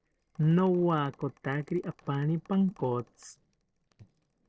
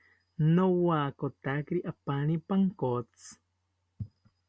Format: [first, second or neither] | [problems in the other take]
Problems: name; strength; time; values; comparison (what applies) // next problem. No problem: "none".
second | noise reduction (neural separator model SepFormer DNS4)